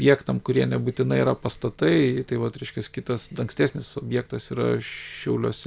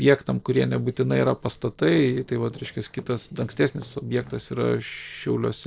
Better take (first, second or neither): first